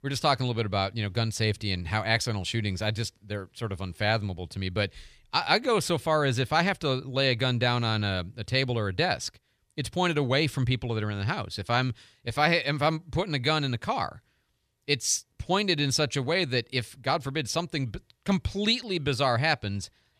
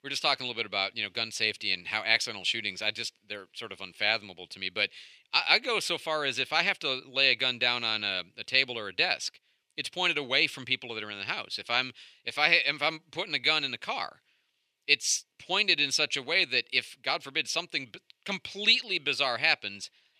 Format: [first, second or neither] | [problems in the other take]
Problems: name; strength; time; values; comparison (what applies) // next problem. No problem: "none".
first | thin; somewhat; fading below 300 Hz